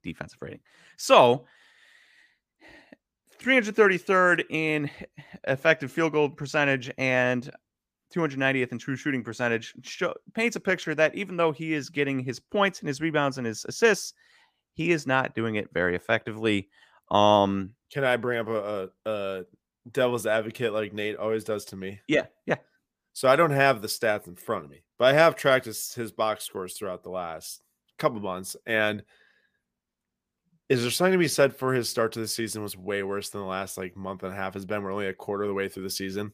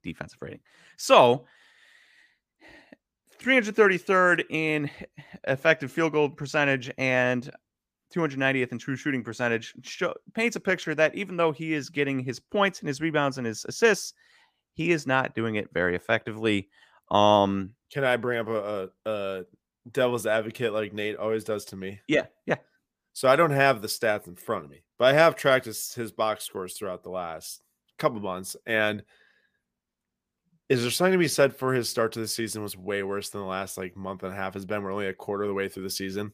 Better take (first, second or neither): neither